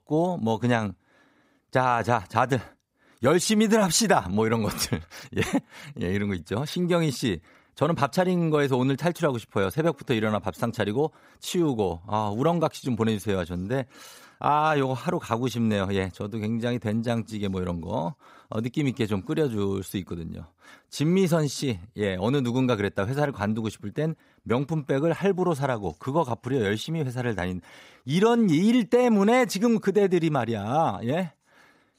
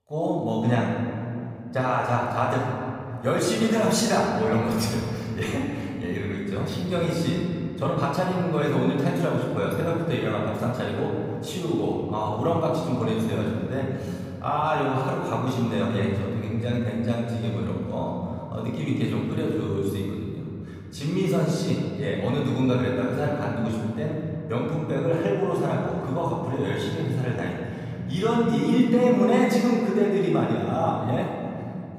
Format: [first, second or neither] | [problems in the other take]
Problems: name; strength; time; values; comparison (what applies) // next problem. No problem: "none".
first | off-mic speech; far // room echo; noticeable; dies away in 2.8 s